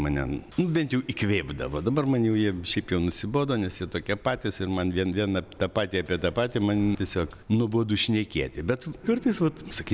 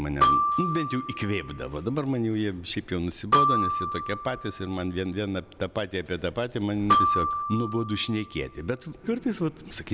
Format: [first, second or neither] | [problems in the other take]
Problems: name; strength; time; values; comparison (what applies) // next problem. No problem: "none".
first | background sound (Glockenspiel); as loud as the speech